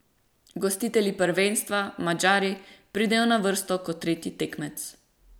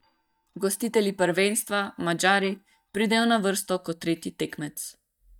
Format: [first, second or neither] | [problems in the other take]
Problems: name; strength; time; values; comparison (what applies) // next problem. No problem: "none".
first | noise reduction (neural mask model DeepFilterNet 3)